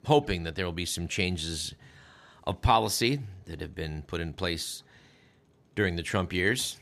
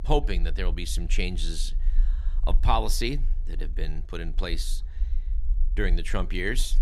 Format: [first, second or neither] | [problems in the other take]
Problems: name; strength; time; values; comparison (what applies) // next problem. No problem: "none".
first | low rumble; faint; throughout; 25 dB below the speech